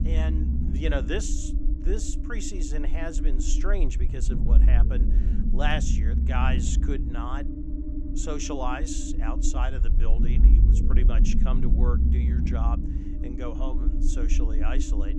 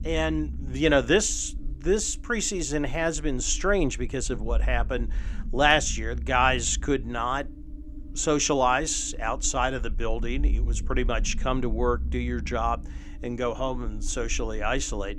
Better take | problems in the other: second | low rumble; loud; throughout; 5 dB below the speech; faint in the second

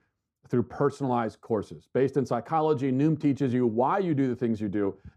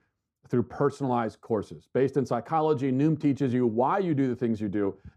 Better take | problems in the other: neither | muffled; slightly; fading above 1 kHz; the same in both

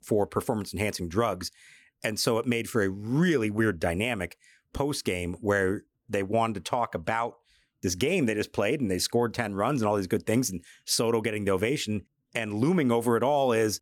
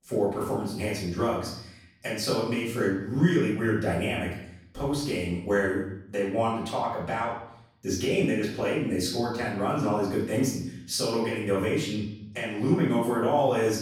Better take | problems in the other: first | off-mic speech; far // room echo; noticeable; dies away in 0.7 s

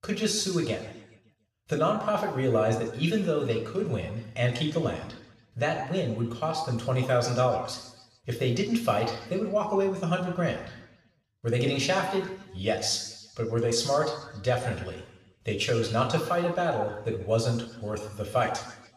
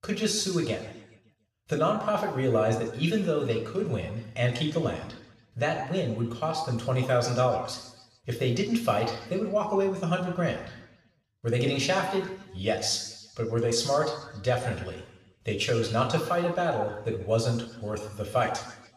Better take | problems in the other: neither | room echo; noticeable; dies away in 1 s; the same in both // off-mic speech; somewhat distant; the same in both

